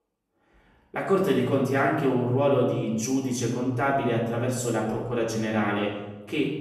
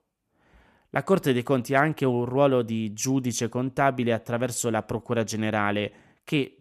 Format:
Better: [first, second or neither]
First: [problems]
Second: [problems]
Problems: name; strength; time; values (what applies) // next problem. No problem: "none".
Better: second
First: off-mic speech; far // room echo; noticeable; dies away in 1.1 s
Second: none